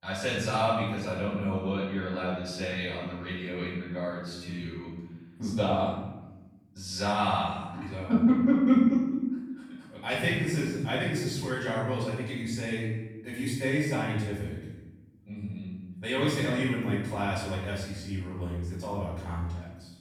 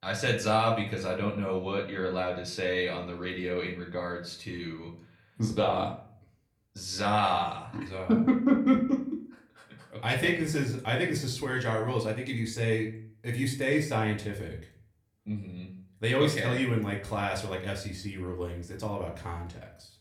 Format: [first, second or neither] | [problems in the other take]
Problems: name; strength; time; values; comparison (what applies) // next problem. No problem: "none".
second | room echo; strong; dies away in 1 s; slight in the second // off-mic speech; far; far in the second